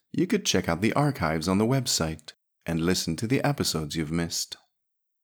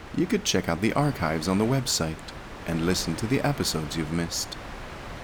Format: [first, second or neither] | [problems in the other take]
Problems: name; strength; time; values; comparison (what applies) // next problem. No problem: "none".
first | wind noise on the microphone; occasional gusts; 10 dB below the speech